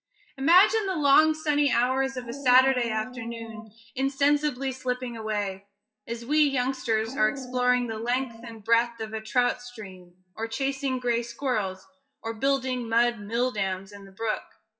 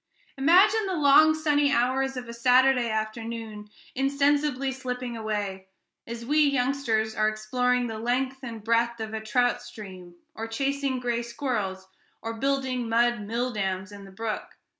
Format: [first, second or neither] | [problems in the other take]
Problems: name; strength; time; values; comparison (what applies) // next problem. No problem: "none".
second | noise reduction (classical method WPE with log-MMSE)